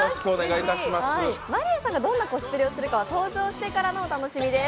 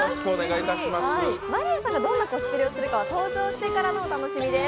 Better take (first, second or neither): first